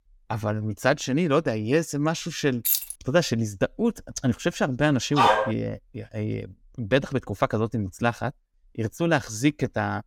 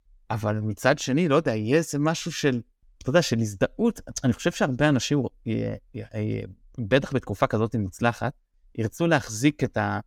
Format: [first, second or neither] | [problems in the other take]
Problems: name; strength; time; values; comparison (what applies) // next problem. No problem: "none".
second | jangling keys; loud; at 2.5 s; peak 3 dB above the speech // dog barking; loud; at 5 s; peak 6 dB above the speech